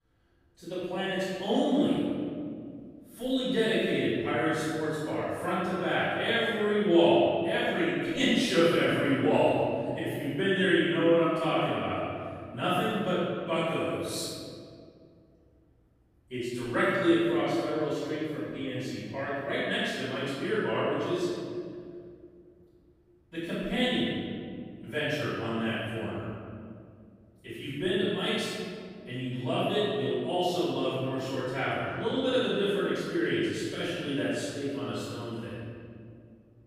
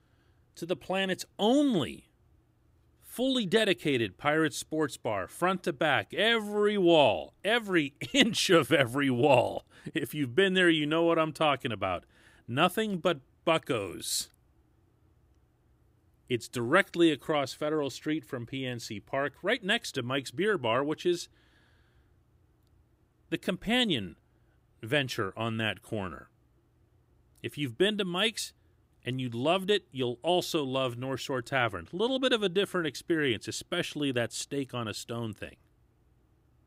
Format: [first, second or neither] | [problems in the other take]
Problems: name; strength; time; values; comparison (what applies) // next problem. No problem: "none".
second | off-mic speech; far // room echo; strong; dies away in 2.2 s